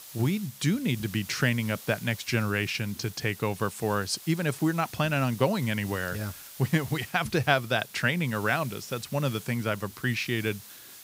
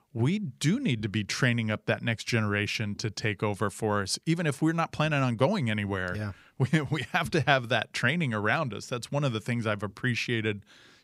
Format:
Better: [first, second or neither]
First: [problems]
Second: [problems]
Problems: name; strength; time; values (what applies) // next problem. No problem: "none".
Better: second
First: hiss; noticeable; throughout; 15 dB below the speech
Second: none